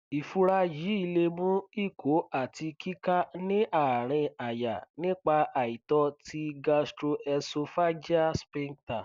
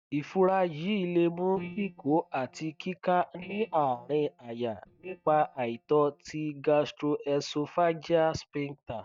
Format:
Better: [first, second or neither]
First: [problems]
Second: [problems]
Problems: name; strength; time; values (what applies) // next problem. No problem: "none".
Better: first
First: none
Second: noise reduction (neural mask model DeepFilterNet 3)